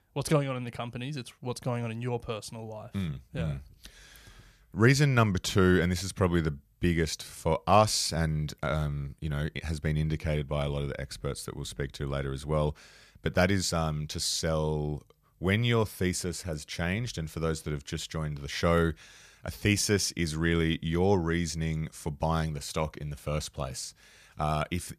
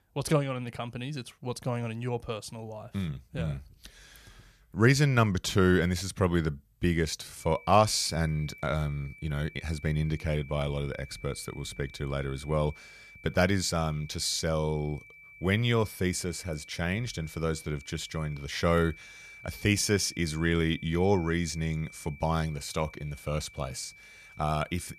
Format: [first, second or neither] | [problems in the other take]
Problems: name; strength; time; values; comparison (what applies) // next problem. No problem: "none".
first | high-pitched whine; noticeable; from 7.5 s on; 2.5 kHz, 20 dB below the speech